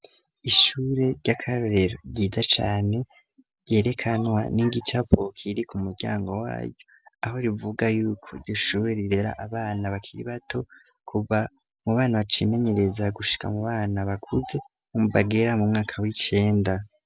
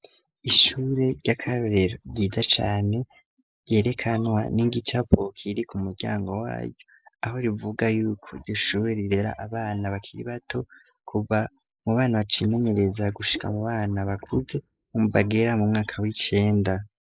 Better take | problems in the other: first | noise reduction (neural mask model Resemble Enhance denoiser)

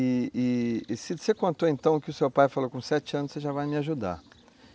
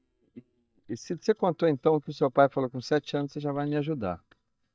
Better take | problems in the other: first | noise reduction (neural mask model DeepFilterNet 3)

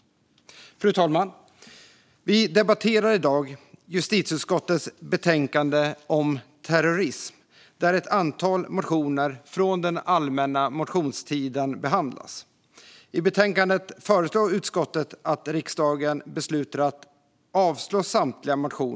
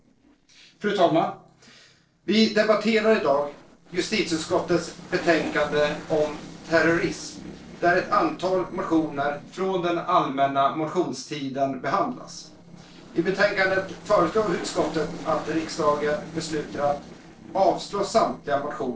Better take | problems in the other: first | noise reduction (neural separator model SepFormer DNS4)

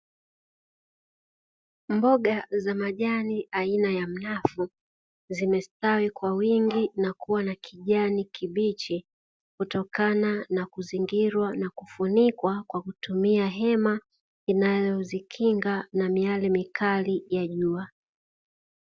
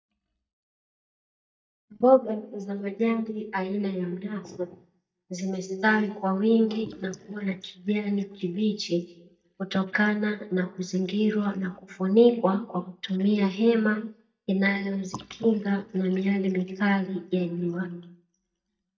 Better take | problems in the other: first | noise reduction (neural mask model DeepFilterNet 3)

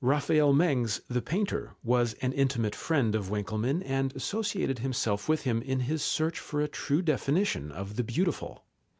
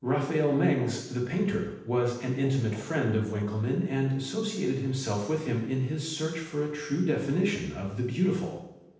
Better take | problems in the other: first | noise reduction (neural separator model SepFormer DNS4)

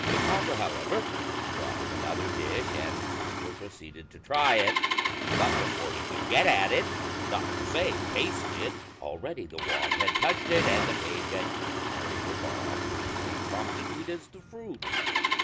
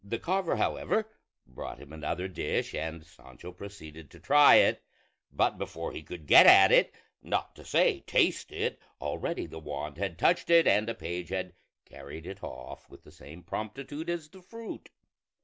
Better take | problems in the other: second | background sound (Engine starting); 2 dB above the speech

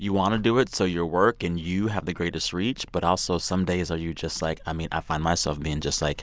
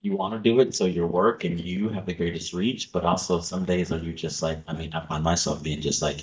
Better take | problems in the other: first | noise reduction (neural mask model DeepFilterNet 3)

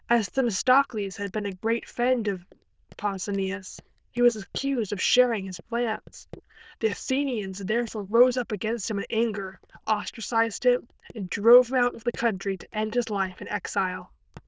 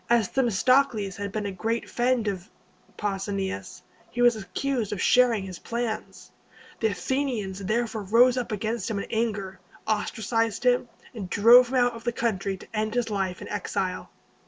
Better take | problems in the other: second | noise reduction (neural diffusion model UNIVERSE++)

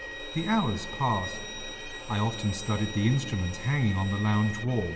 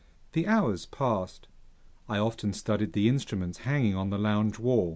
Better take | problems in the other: second | background sound (Bowed string instrument); 11 dB below the speech // room echo; dies away in 2.5 s

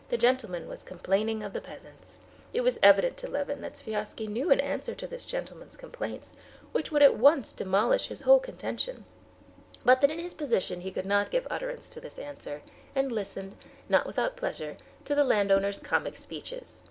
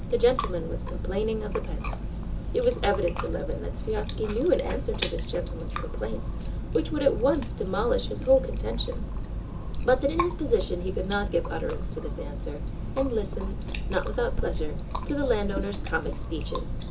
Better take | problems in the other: first | background sound (Chewing, mastication); 2 dB below the speech // room echo; dies away in 0.2 s

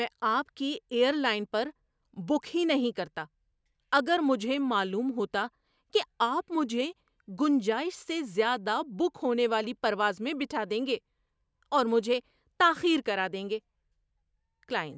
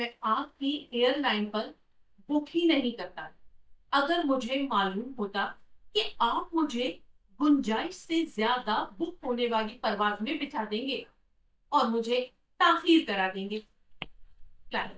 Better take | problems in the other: first | noise reduction (neural mask model DeepFilterNet 3)

